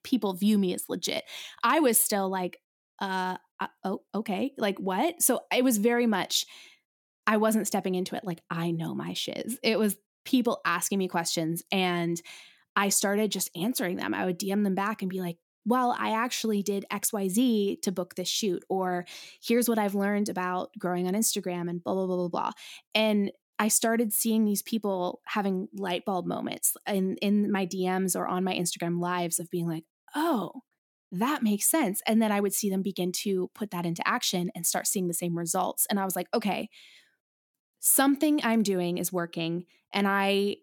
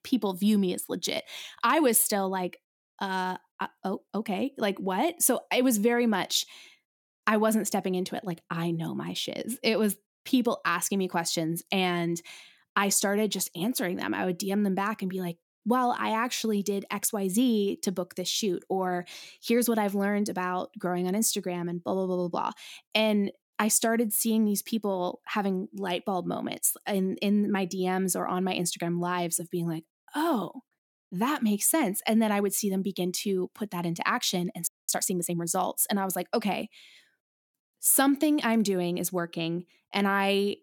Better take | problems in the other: first | audio freezing; at 35 s

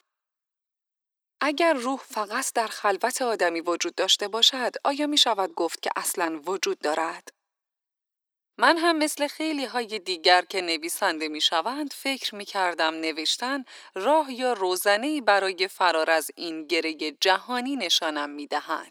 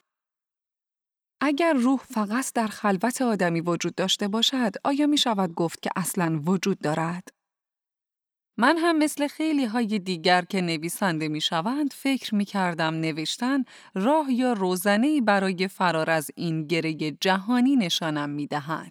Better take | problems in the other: second | thin; somewhat; fading below 350 Hz

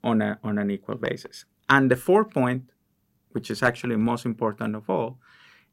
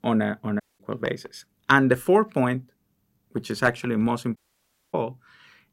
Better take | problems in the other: first | audio cutting out; at 0.5 s and at 4.5 s for 0.5 s

